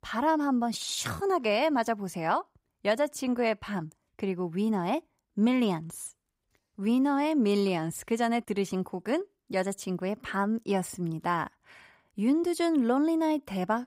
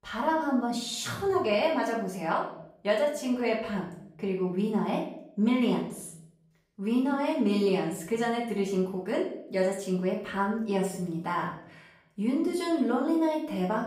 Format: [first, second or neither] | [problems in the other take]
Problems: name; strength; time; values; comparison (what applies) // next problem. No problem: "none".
first | off-mic speech; far // room echo; noticeable; dies away in 0.6 s